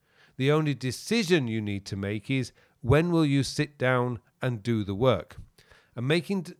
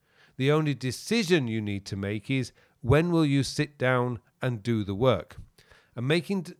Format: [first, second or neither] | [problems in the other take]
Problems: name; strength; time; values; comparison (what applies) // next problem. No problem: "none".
neither | none